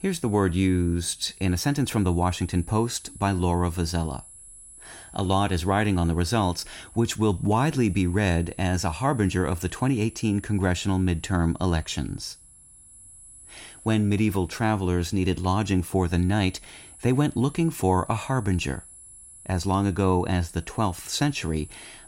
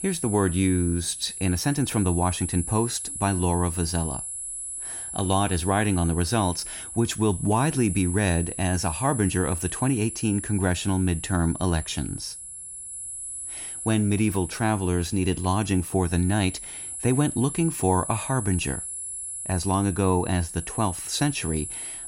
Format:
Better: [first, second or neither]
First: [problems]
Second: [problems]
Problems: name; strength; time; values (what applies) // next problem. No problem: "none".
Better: first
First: high-pitched whine; faint; throughout; 10.5 kHz, 20 dB below the speech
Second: high-pitched whine; loud; throughout; 10.5 kHz, 7 dB below the speech